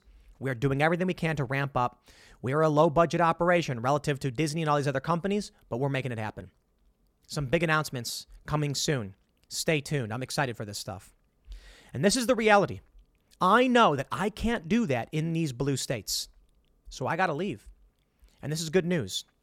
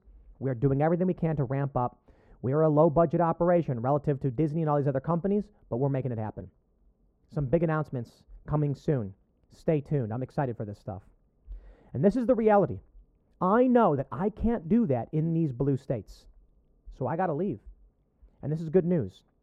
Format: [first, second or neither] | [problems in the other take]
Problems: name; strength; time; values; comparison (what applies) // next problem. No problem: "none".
first | muffled; very; fading above 2 kHz